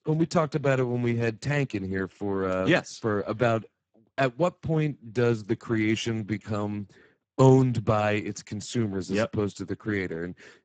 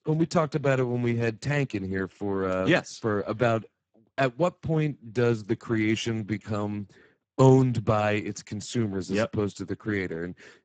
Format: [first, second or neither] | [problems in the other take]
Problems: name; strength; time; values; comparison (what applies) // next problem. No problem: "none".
neither | garbled, watery; badly; nothing above 7.5 kHz; the same in both